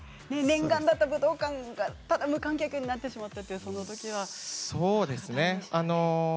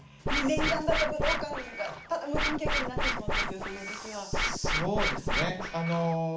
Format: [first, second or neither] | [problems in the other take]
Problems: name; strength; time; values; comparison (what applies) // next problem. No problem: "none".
first | background sound (Scratching (performance technique)); 2 dB above the speech // room echo; dies away in 0.4 s